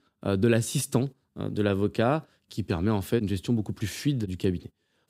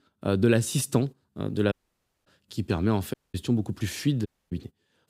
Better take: first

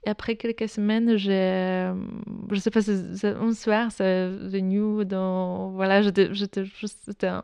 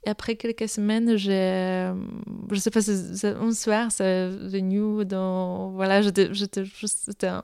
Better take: second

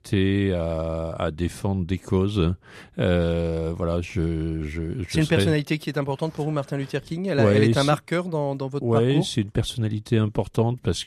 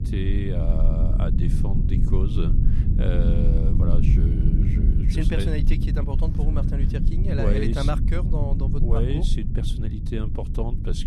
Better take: first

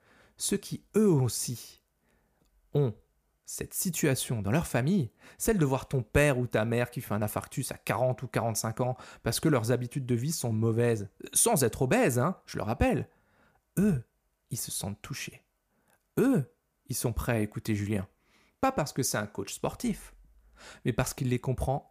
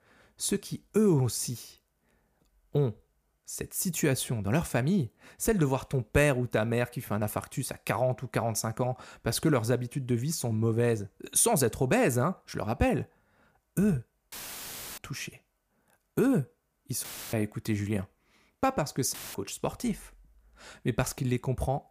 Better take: first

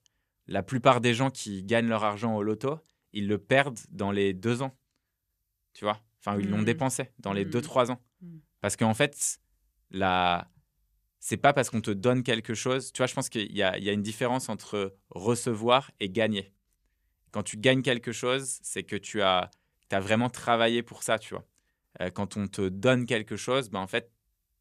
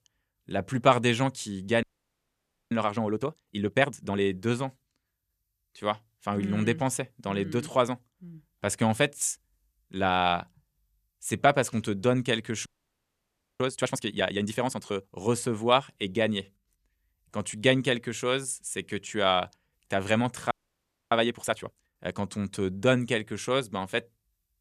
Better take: first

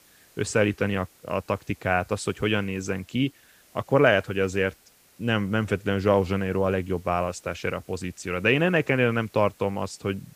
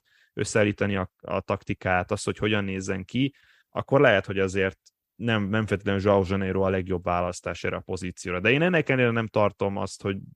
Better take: second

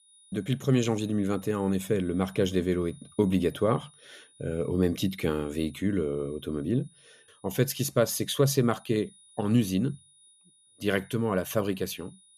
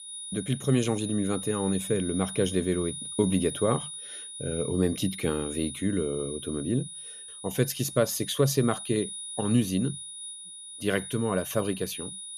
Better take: first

